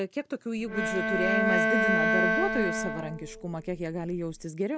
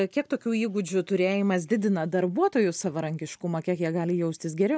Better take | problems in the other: second | background sound (Bowed string instrument); 4 dB above the speech

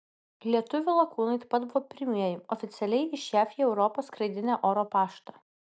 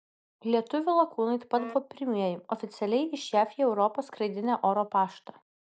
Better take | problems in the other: first | noise reduction (neural mask model Resemble Enhance denoiser)

